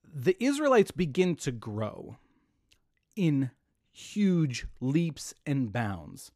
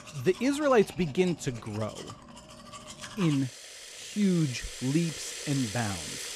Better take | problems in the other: first | household noises; noticeable; throughout; 10 dB below the speech

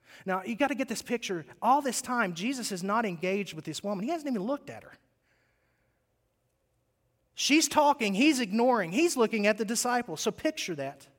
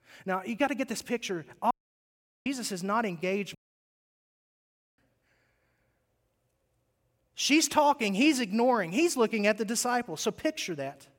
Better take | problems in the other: first | audio cutting out; at 1.5 s for 1 s and at 3.5 s for 1.5 s

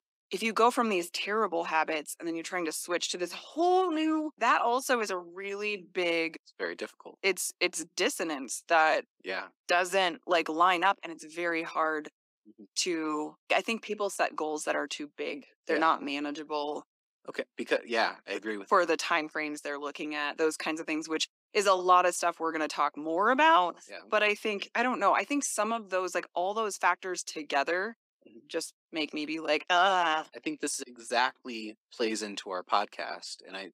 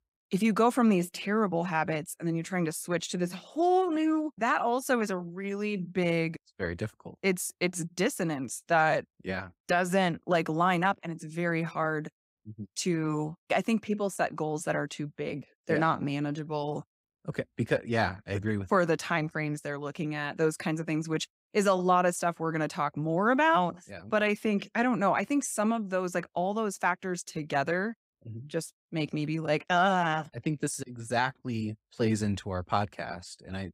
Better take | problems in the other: second | thin; somewhat; fading below 250 Hz

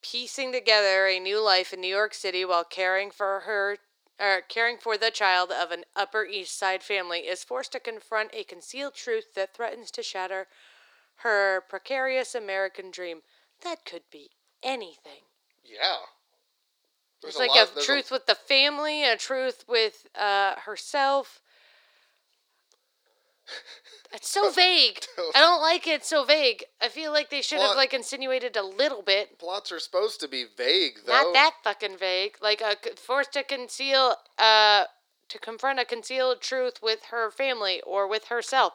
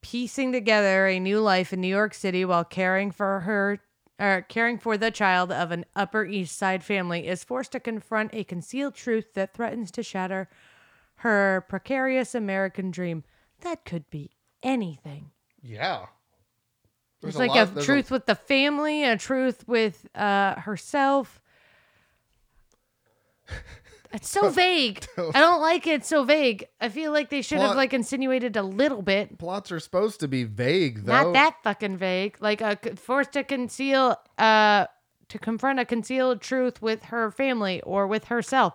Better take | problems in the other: second | thin; very; fading below 350 Hz

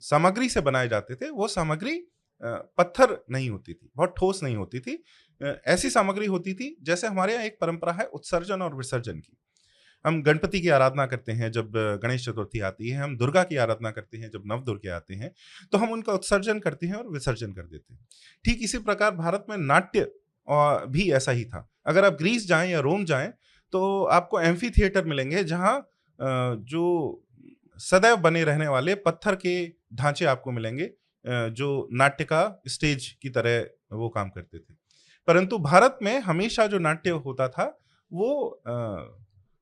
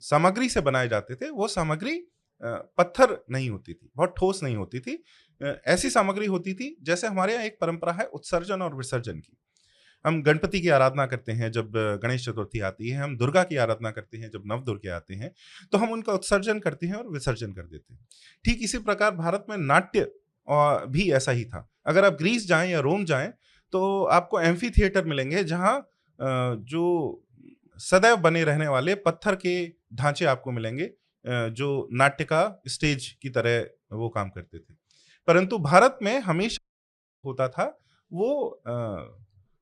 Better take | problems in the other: first | audio cutting out; at 37 s for 0.5 s

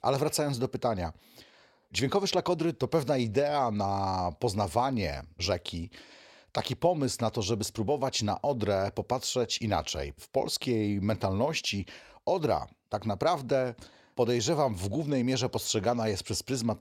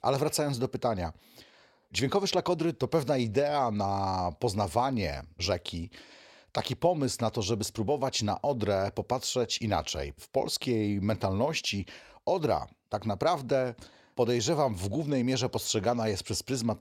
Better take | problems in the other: neither | none

